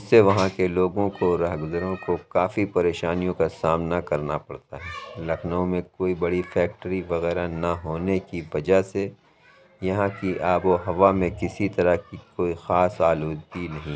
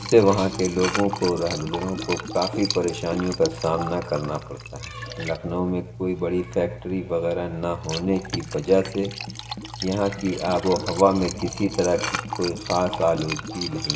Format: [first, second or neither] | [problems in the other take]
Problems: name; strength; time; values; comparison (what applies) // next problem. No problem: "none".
first | background sound (Liquid); 9 dB below the speech // room echo; dies away in 0.7 s